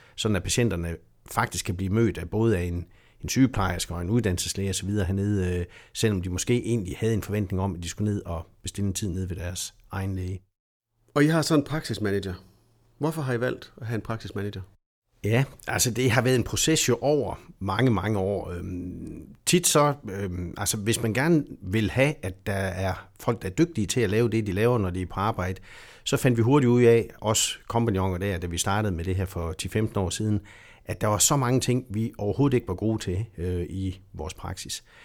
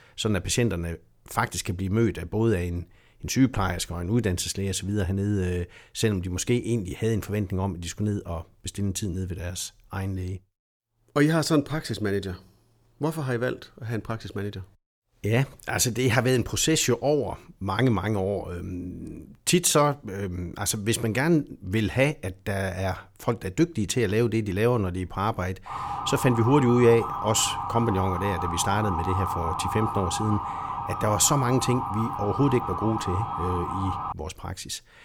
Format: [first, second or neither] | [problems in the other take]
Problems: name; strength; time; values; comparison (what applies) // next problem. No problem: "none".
first | siren; noticeable; from 26 to 34 s; peak 3 dB below the speech